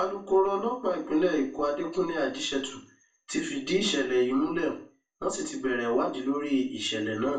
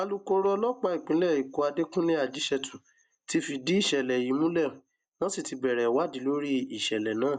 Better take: second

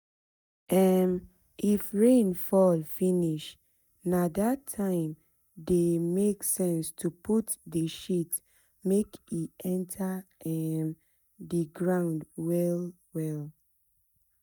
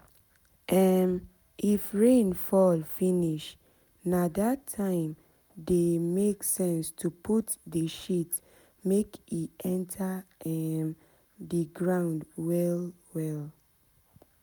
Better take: second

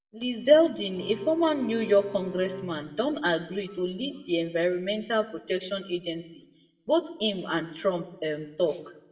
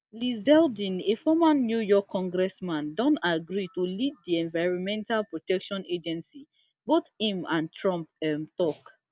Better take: second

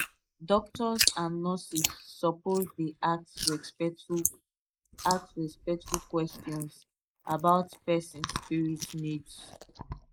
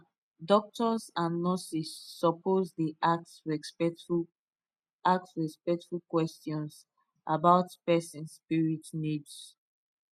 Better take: second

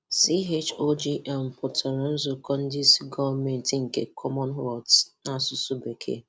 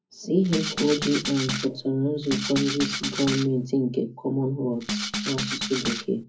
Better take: first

